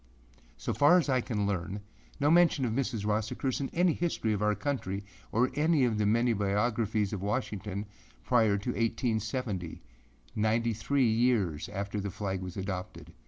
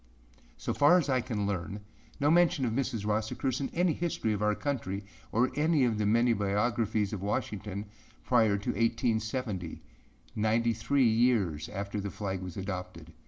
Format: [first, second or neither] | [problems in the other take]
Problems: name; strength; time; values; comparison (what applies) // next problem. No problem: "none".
first | room echo; dies away in 0.4 s